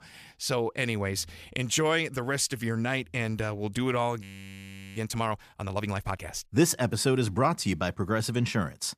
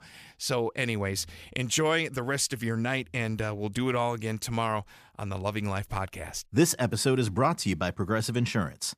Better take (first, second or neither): second